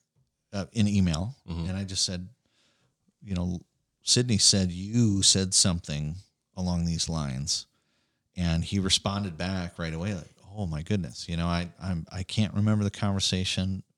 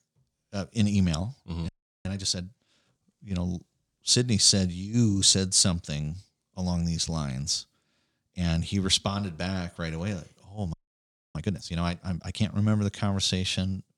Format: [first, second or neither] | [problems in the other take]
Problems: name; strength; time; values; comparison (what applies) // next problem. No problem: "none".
first | audio freezing; at 1.5 s and at 11 s for 0.5 s